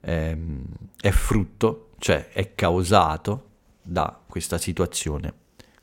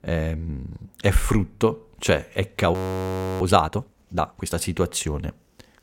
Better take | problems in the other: first | audio freezing; at 2.5 s for 0.5 s

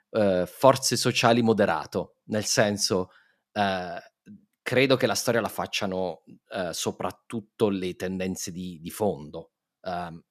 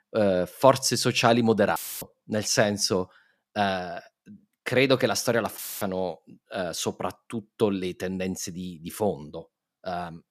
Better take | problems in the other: first | audio cutting out; filled with static; at 2 s and at 5.5 s

